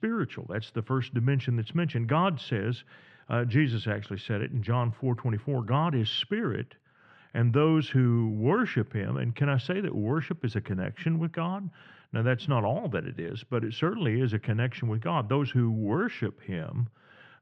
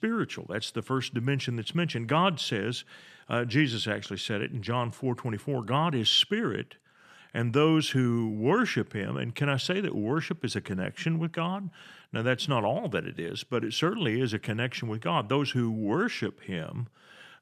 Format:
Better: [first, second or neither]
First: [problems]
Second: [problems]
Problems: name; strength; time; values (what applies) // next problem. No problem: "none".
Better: second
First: muffled; slightly; fading above 2.5 kHz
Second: none